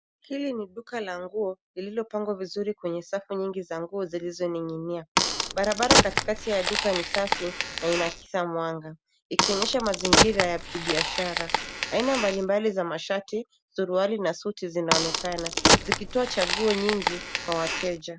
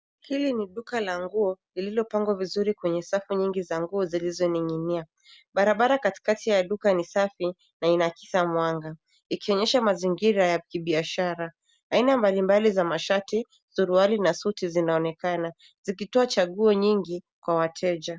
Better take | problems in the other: second | background sound (Crack); 3 dB above the speech

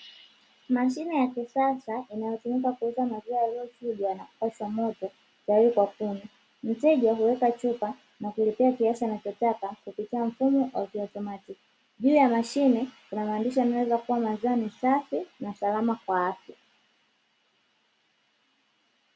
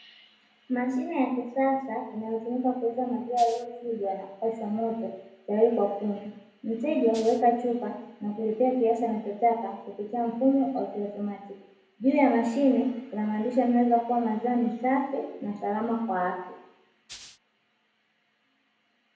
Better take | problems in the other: first | background sound (Rattle (instrument)); 19 dB below the speech // room echo; dies away in 0.7 s

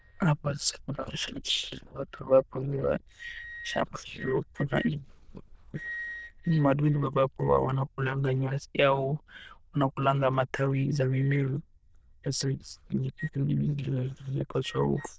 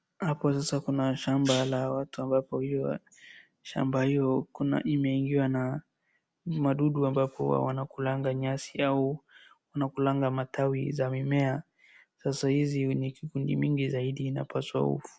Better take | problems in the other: second | noise reduction (neural diffusion model UNIVERSE++)

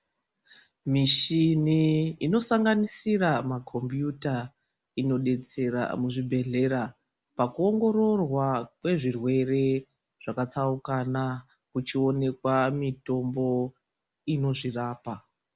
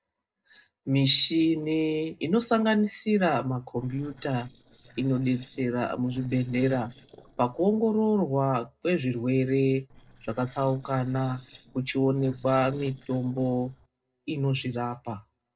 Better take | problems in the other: first | noise reduction (neural separator model SepFormer DNS4)

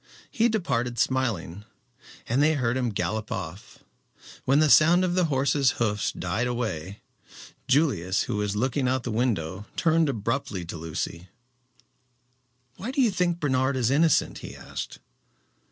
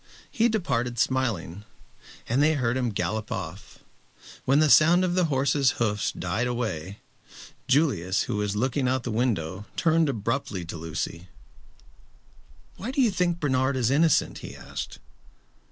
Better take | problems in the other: first | background sound (Rain); 19 dB below the speech

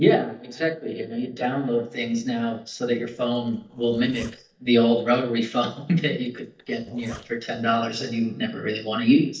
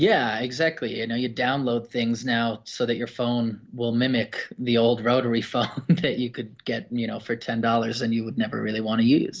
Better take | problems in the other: second | noise reduction (neural mask model DeepFilterNet 3)

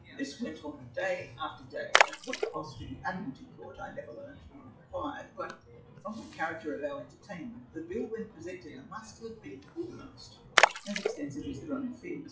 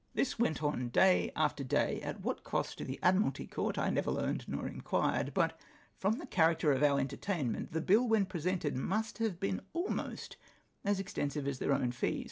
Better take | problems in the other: second | noise reduction (classical method WPE with log-MMSE)

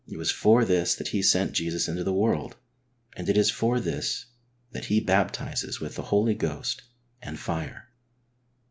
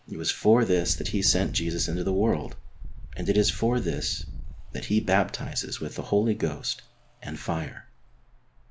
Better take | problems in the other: first | background sound (Engine); 9 dB below the speech

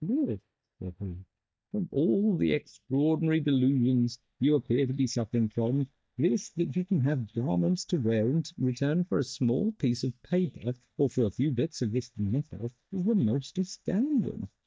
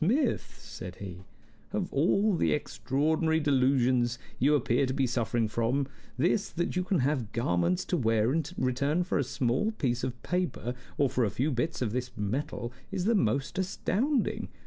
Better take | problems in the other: second | noise reduction (neural mask model DeepFilterNet 3)

